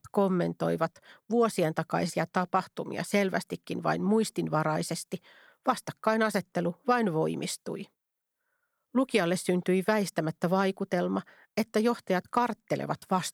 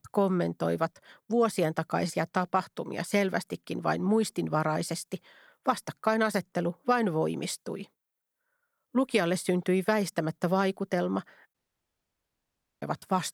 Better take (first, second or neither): first